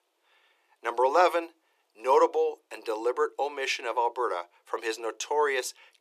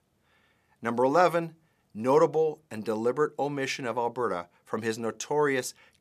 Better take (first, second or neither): second